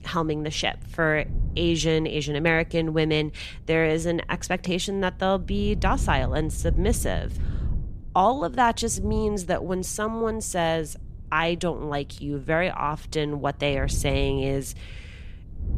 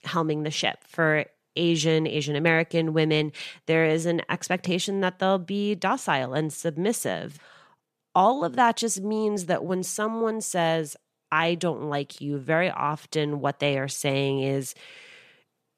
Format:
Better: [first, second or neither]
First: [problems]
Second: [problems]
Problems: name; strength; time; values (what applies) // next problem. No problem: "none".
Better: second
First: wind noise on the microphone; occasional gusts; 25 dB below the speech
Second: none